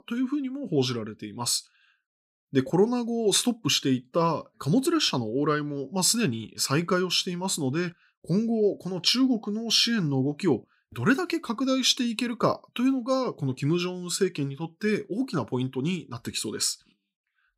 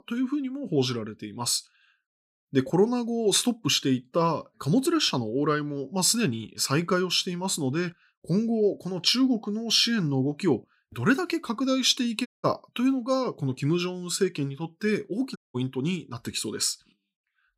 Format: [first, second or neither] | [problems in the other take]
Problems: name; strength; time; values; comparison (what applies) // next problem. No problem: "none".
first | audio cutting out; at 12 s and at 15 s